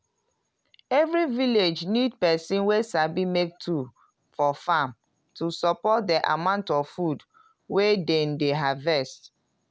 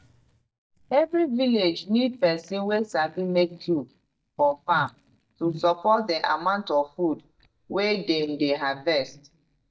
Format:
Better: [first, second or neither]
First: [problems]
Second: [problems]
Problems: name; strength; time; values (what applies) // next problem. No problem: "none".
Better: first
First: none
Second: noise reduction (neural mask model DeepFilterNet 3)